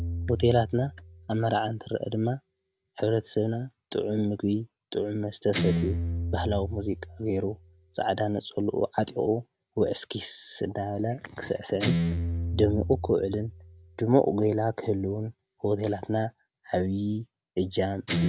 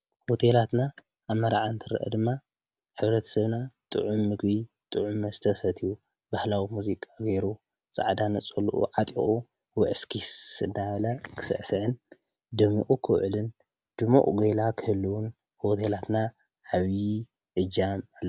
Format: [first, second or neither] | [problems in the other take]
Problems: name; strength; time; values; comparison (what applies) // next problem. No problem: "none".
second | background sound (Guitar); 7 dB below the speech